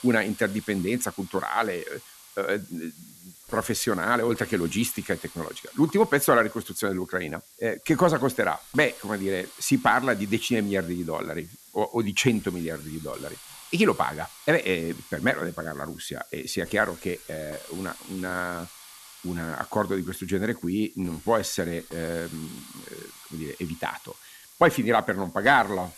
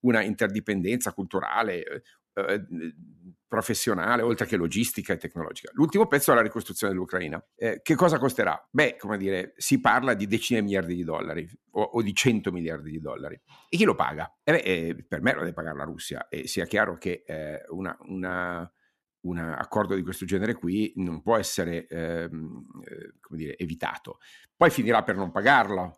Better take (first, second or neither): second